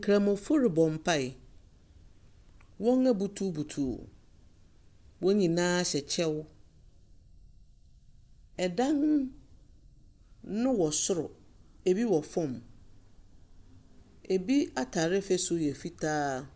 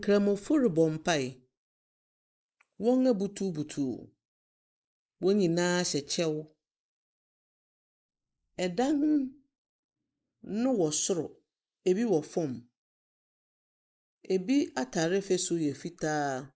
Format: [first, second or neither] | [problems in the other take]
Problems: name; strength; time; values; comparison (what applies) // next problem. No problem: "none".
first | noise reduction (neural mask model Resemble Enhance denoiser)